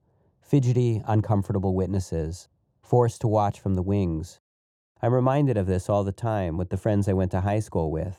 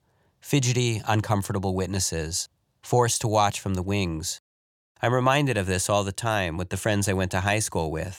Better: second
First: muffled; very; fading above 1 kHz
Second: none

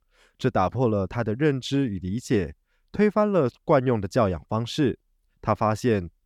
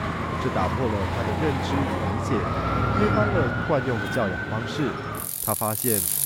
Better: first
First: none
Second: traffic noise; very loud; throughout; 2 dB above the speech

